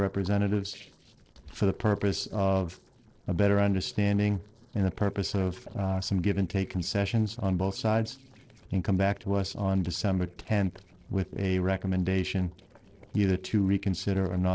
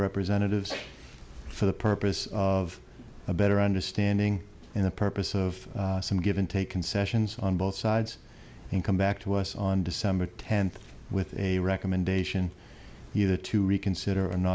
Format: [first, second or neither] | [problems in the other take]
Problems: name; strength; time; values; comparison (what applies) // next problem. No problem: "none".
second | noise reduction (neural separator model SepFormer DNS4)